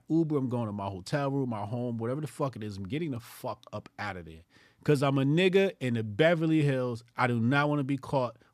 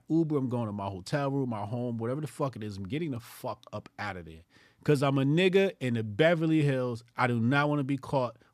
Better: neither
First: none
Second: none

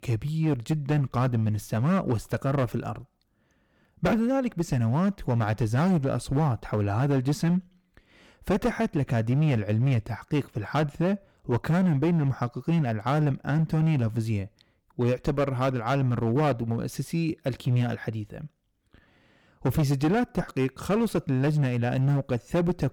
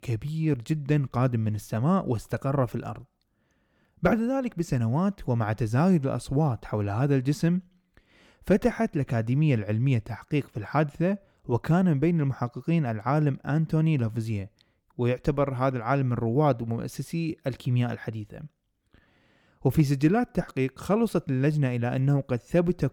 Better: second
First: distortion; slight; 10% of the sound clipped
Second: none

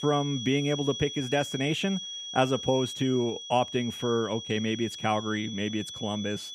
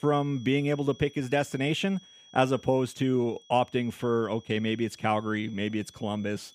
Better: second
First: high-pitched whine; loud; throughout; 3.5 kHz, 8 dB below the speech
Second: high-pitched whine; faint; throughout; 3.5 kHz, 25 dB below the speech

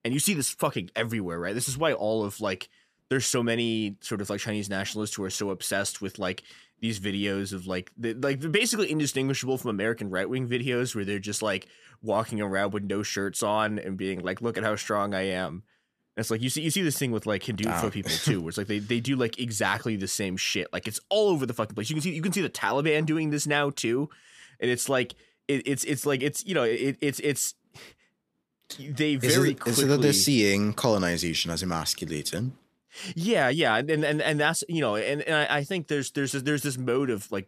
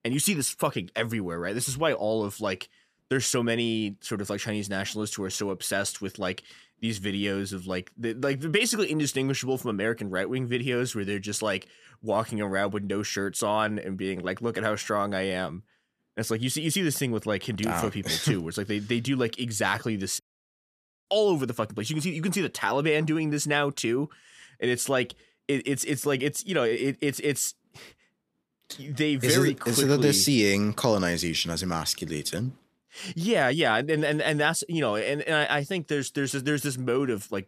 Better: first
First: none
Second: audio cutting out; at 20 s for 1 s

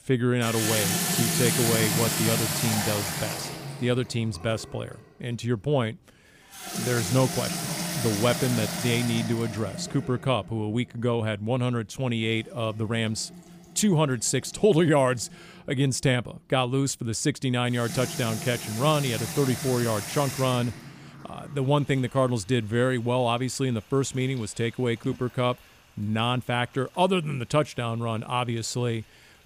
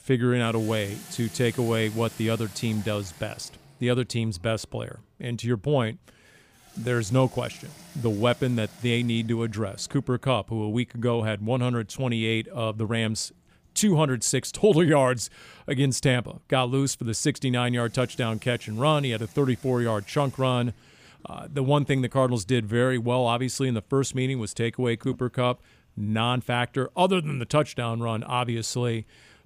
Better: second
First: household noises; loud; throughout; 2 dB below the speech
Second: household noises; faint; throughout; 20 dB below the speech

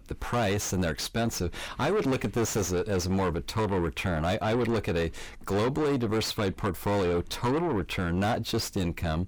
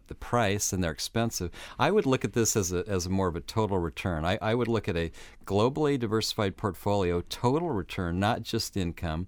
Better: second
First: distortion; heavy; 5 dB below the speech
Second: none

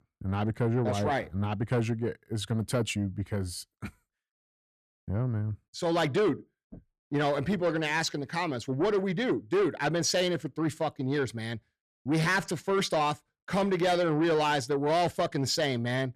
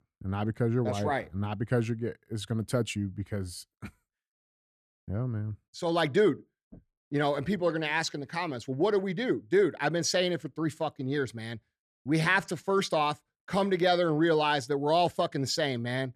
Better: second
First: distortion; slight; 10 dB below the speech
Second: none

